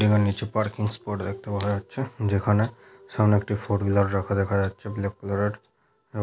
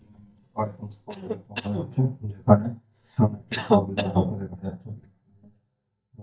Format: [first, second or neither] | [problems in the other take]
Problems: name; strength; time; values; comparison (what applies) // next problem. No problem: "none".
first | noise reduction (neural mask model DeepFilterNet 3)